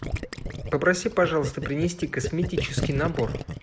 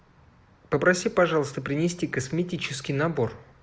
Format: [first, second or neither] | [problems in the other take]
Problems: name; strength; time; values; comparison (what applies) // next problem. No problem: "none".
second | background sound (Gurgling); 5 dB below the speech